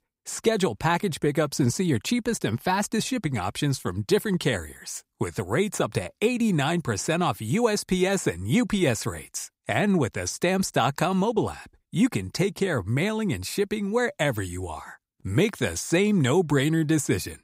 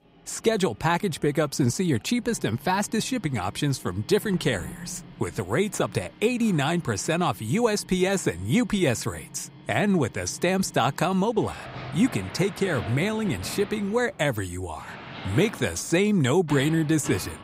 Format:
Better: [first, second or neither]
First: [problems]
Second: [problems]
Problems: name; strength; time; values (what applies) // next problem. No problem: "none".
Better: first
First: none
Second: household noises; noticeable; throughout; 15 dB below the speech